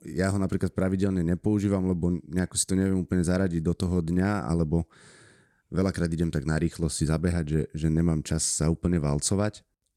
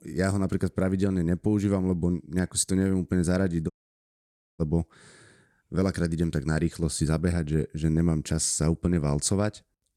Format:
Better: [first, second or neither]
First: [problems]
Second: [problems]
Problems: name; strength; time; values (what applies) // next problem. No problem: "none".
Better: first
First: none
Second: audio cutting out; at 3.5 s for 1 s